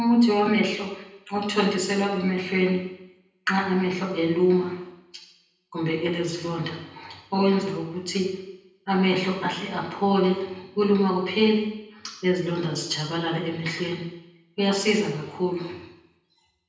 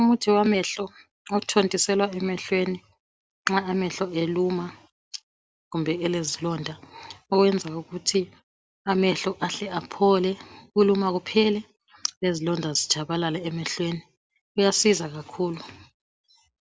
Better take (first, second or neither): second